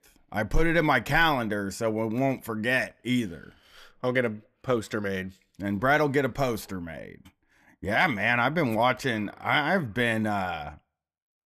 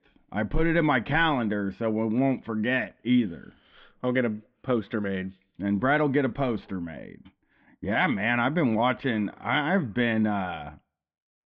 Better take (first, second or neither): first